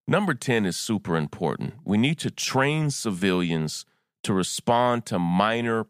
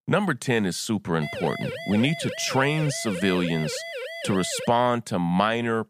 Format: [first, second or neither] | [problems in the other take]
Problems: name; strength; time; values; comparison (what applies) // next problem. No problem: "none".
first | siren; noticeable; from 1 to 4.5 s; peak 8 dB below the speech